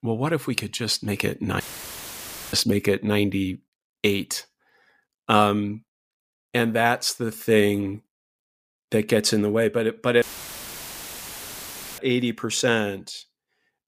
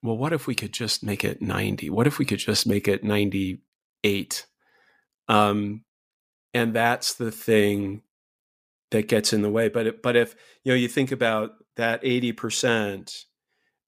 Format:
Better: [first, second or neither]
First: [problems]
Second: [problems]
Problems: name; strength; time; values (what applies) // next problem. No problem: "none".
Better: second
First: audio cutting out; filled with static; at 1.5 s for 1 s and at 10 s for 2 s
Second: none